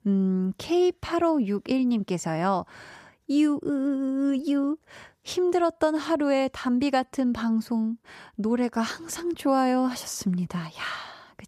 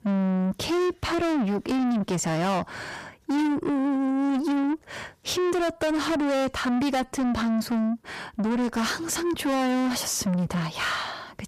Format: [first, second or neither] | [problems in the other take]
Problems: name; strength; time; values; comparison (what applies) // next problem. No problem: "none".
first | distortion; heavy; 7 dB below the speech